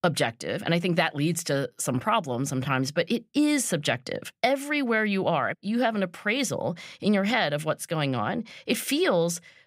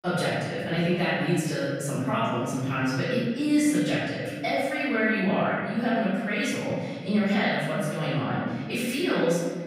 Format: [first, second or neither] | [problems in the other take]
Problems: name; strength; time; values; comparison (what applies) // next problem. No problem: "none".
first | off-mic speech; far // room echo; strong; dies away in 1.6 s